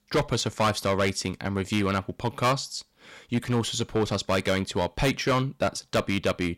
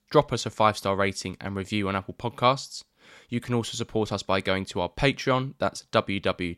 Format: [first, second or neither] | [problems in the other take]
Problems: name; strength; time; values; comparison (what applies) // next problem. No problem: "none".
second | distortion; heavy; 8% of the sound clipped